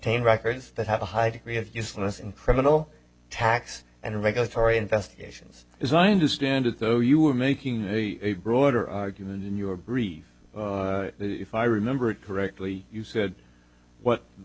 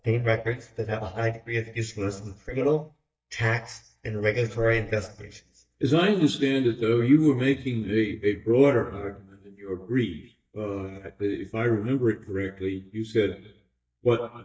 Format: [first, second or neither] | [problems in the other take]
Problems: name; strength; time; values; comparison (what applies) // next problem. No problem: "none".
first | noise reduction (neural mask model DeepFilterNet 3)